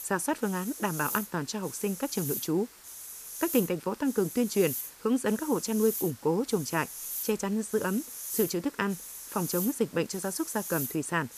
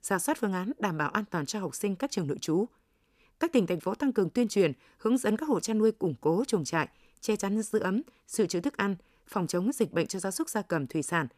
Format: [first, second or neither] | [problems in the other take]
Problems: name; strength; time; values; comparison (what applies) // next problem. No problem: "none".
second | hiss; loud; throughout; 7 dB below the speech